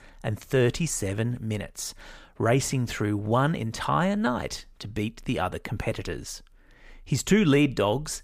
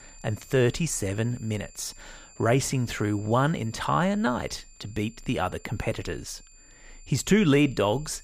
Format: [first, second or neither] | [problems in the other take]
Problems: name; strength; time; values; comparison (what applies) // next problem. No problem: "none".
first | high-pitched whine; faint; throughout; 7.5 kHz, 25 dB below the speech